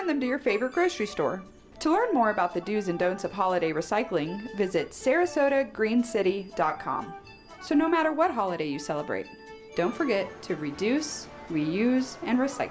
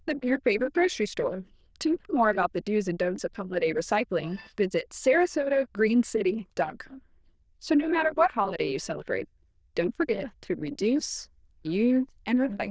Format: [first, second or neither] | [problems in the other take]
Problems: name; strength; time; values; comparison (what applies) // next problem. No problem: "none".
first | noise reduction (neural diffusion model UNIVERSE++)